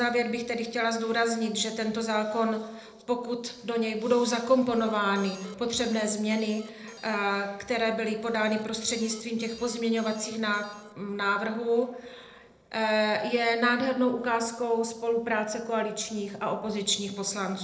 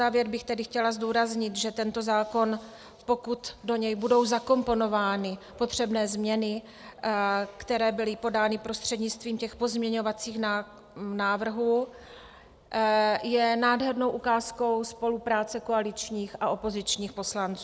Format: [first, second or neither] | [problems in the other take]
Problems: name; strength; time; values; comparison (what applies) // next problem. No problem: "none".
second | noise reduction (neural separator model SepFormer DNS4)